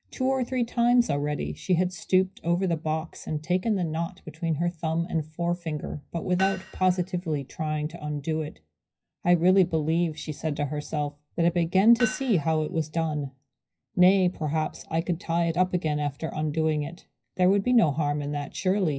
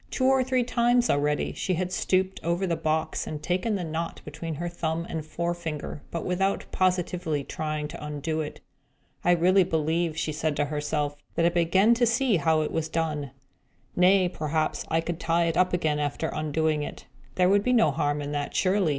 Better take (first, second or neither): second